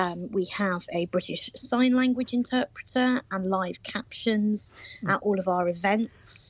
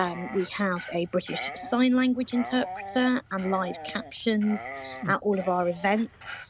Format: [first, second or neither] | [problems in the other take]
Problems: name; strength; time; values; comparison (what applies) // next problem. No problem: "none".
first | background sound (Dog); 14 dB below the speech